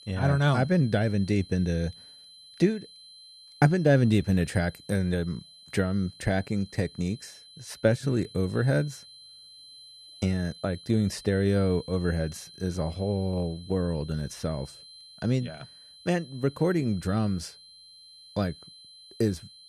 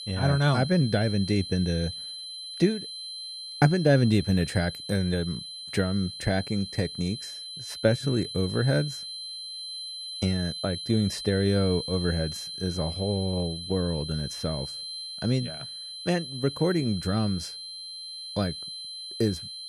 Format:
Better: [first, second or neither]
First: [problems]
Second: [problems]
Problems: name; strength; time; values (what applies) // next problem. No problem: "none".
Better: first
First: high-pitched whine; faint; throughout; 4 kHz, 20 dB below the speech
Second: high-pitched whine; loud; throughout; 4 kHz, 8 dB below the speech